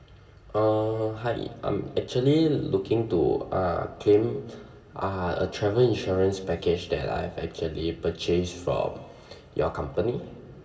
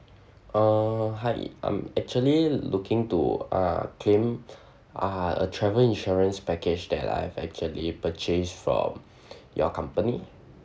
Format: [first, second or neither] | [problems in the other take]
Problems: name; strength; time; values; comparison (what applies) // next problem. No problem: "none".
second | room echo; dies away in 1.8 s